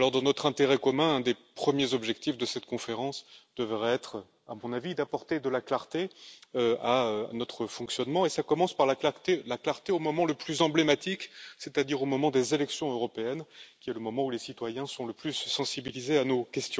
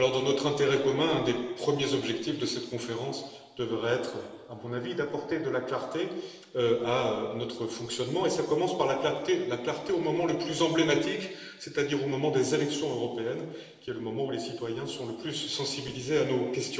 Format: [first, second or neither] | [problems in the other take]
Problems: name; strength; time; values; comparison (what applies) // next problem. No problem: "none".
first | room echo; dies away in 1.3 s